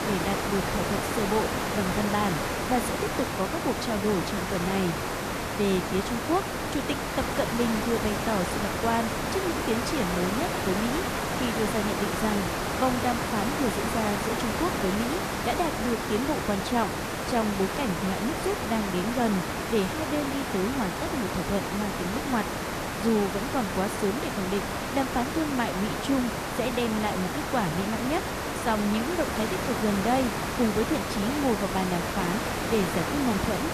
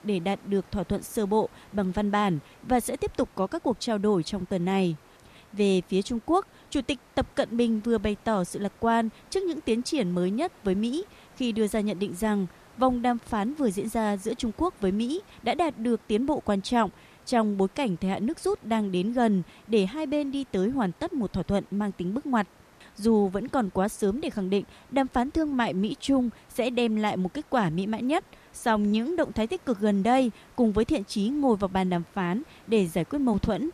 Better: second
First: hiss; loud; throughout; as loud as the speech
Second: hiss; faint; throughout; 25 dB below the speech

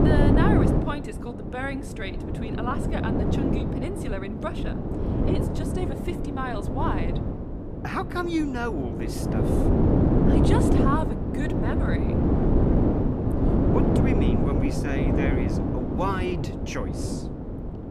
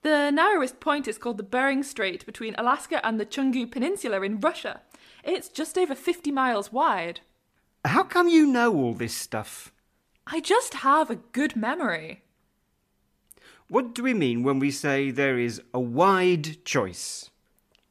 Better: second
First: wind noise on the microphone; heavy; 2 dB above the speech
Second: none

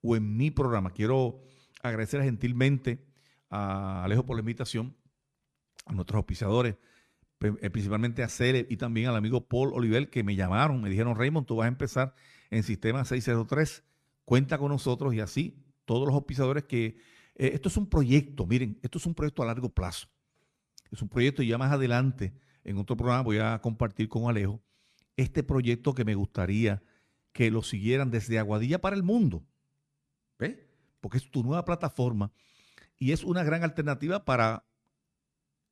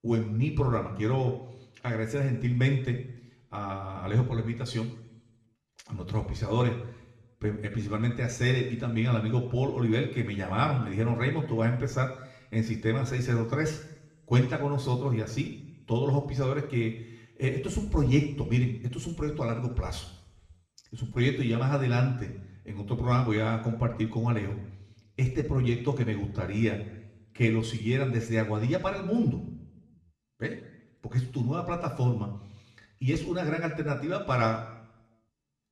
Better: first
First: none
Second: room echo; slight; dies away in 0.8 s // off-mic speech; somewhat distant

